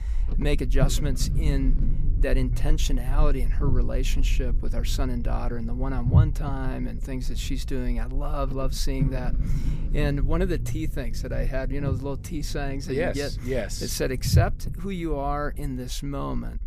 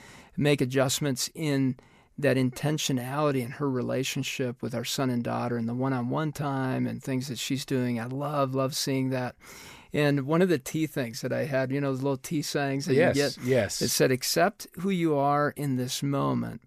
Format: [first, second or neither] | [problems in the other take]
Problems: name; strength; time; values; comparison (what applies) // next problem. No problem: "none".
second | low rumble; noticeable; throughout; 10 dB below the speech